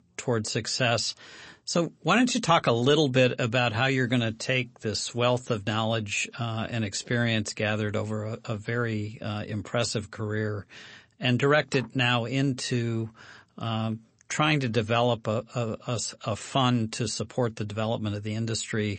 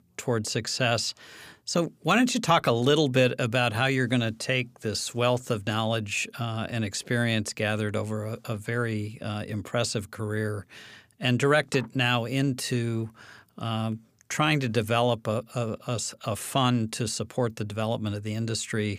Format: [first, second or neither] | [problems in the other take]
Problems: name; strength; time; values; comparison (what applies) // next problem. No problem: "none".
second | garbled, watery; slightly; nothing above 8 kHz